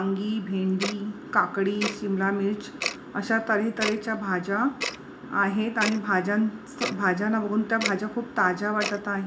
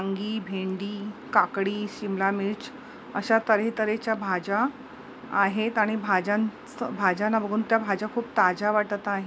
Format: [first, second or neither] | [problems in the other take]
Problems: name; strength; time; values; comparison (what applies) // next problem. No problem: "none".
second | background sound (Tick-tock); 11 dB below the speech // room echo; dies away in 0.4 s